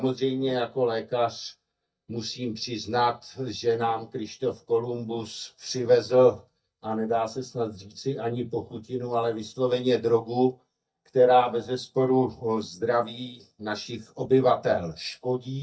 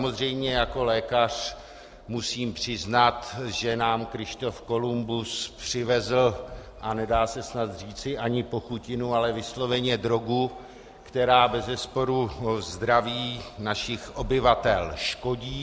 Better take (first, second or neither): second